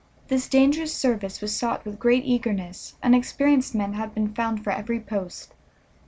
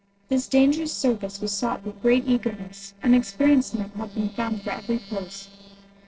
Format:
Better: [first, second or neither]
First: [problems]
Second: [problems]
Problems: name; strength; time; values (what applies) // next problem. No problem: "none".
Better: first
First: none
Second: noise reduction (neural separator model SepFormer DNS4)